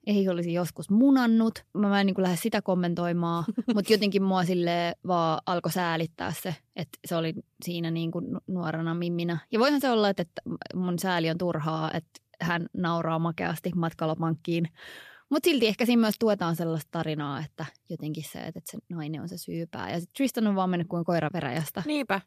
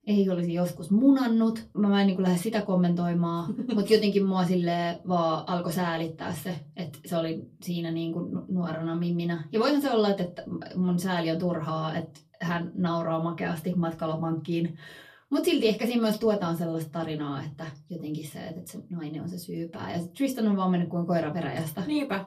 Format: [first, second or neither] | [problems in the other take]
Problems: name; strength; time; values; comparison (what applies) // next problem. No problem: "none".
first | off-mic speech; far // room echo; very slight; dies away in 0.2 s